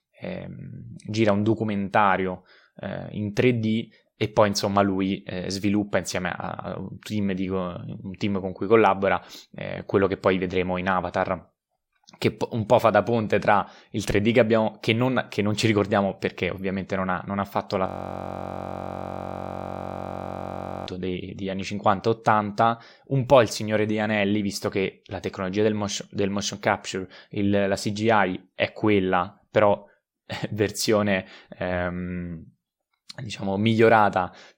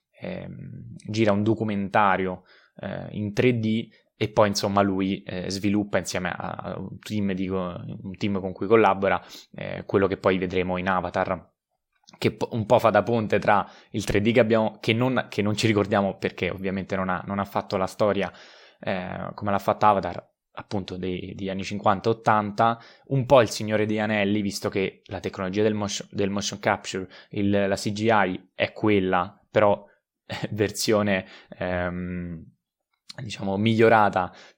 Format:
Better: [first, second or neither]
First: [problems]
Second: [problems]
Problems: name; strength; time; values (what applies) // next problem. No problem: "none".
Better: second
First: audio freezing; at 18 s for 3 s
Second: none